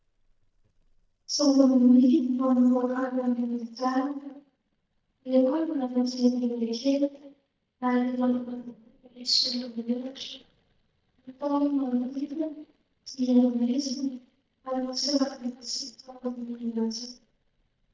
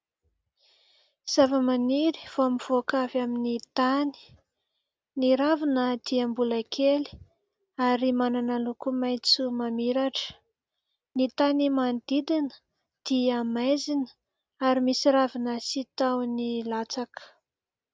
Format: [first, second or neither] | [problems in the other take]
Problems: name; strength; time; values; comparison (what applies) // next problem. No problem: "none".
second | noise reduction (neural mask model DeepFilterNet 3)